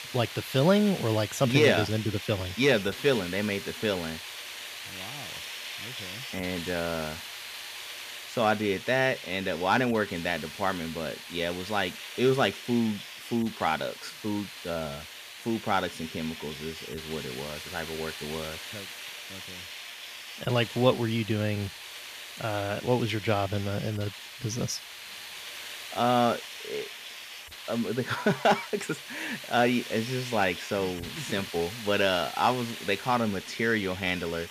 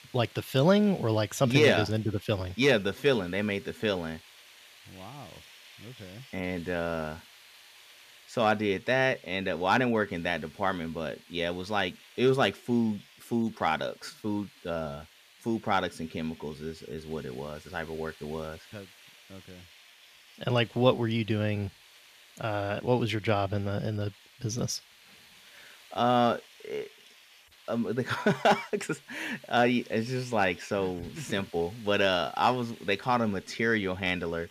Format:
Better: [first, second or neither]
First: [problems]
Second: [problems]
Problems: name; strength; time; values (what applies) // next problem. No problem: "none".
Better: second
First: hiss; loud; throughout; 10 dB below the speech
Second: hiss; faint; throughout; 25 dB below the speech